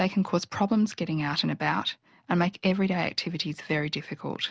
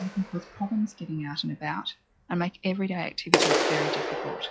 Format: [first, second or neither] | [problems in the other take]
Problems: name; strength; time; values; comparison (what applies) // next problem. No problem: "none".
first | noise reduction (classical method log-MMSE)